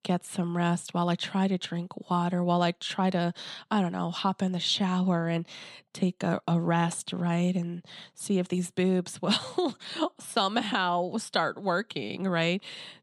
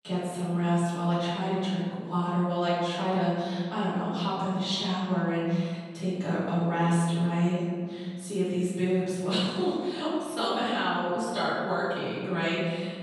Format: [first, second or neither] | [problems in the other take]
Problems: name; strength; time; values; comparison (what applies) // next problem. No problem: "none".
first | off-mic speech; far // room echo; strong; dies away in 1.6 s